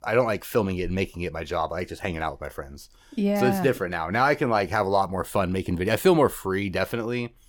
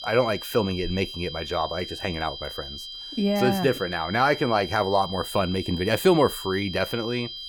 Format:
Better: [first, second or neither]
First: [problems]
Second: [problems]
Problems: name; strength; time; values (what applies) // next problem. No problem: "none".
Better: first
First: none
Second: high-pitched whine; loud; throughout; 3 kHz, 10 dB below the speech